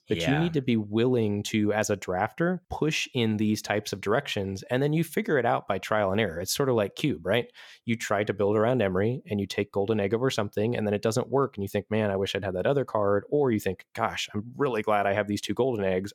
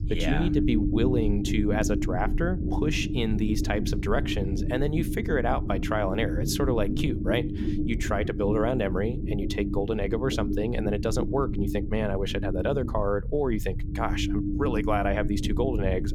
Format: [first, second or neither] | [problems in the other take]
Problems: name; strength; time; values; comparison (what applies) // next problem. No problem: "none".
first | low rumble; loud; throughout; 6 dB below the speech